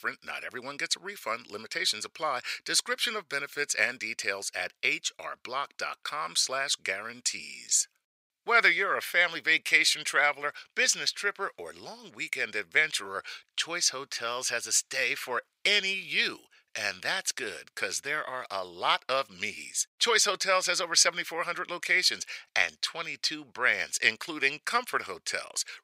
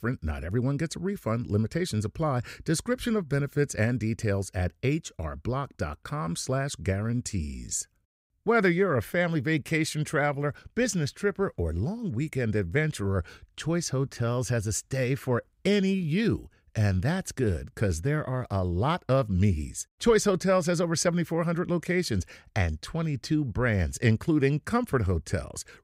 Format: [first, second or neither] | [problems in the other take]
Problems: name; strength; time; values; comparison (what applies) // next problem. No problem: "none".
second | thin; very; fading below 850 Hz